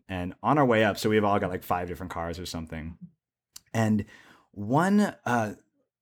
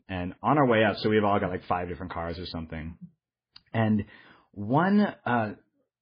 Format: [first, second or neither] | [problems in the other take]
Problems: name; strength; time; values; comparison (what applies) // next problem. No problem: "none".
first | garbled, watery; badly; nothing above 4.5 kHz